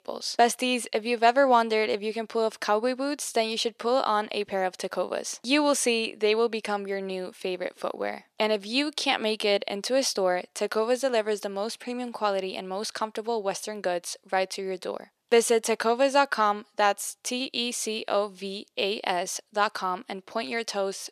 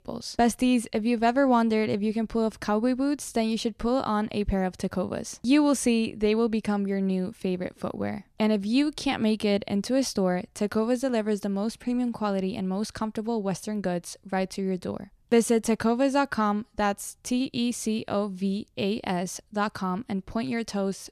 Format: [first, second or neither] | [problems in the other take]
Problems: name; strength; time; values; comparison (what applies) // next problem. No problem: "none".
second | thin; somewhat; fading below 500 Hz